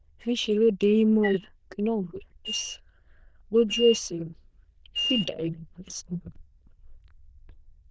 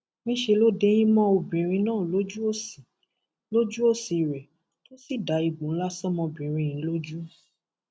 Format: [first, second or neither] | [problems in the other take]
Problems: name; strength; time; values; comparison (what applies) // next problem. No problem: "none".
second | noise reduction (neural diffusion model UNIVERSE++)